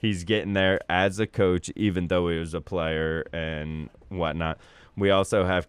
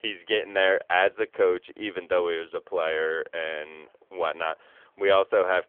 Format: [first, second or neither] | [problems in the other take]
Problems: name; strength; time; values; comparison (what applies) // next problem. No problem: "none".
first | phone-call audio; nothing above 3.5 kHz